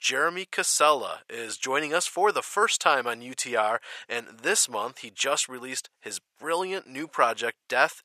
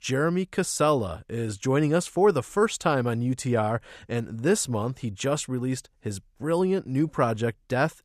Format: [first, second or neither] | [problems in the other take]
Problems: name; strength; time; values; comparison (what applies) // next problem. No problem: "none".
second | thin; very; fading below 800 Hz